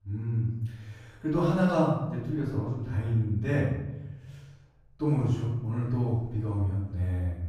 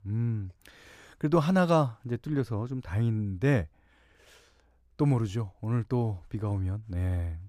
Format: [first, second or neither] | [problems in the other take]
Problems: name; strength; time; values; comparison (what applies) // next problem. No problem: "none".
second | room echo; strong; dies away in 0.9 s // off-mic speech; far